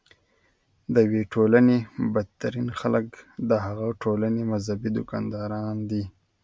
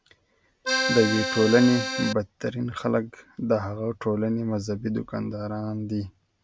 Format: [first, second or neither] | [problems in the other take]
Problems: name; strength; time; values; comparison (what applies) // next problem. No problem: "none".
first | background sound (Accordion); 1 dB below the speech